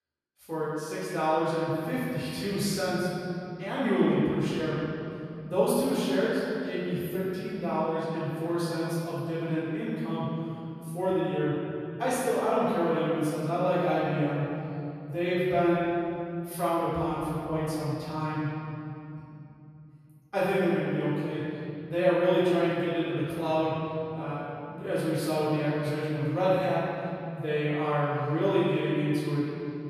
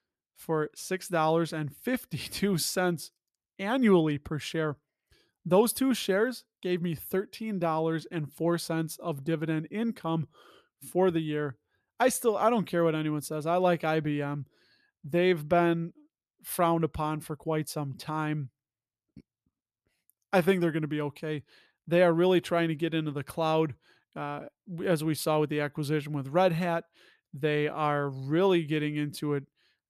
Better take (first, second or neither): second